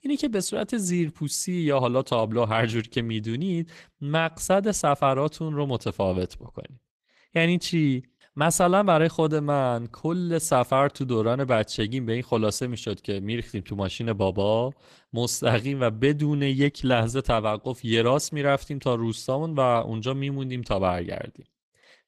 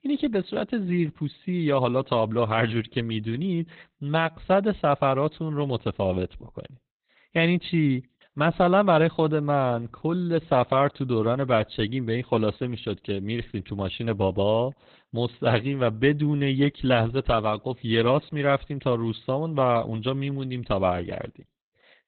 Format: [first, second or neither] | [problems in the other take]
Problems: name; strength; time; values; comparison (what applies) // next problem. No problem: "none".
first | garbled, watery; badly; nothing above 4 kHz; slightly in the first